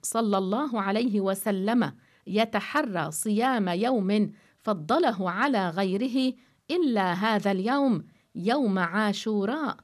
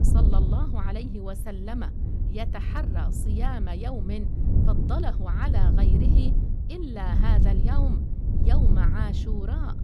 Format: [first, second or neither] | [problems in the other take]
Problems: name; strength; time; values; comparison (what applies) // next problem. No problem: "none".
first | wind noise on the microphone; heavy; 2 dB below the speech